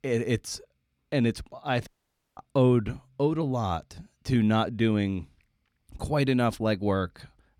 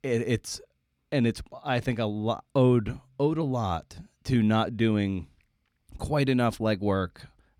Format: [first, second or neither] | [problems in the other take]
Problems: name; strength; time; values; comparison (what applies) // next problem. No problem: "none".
second | audio cutting out; at 2 s for 0.5 s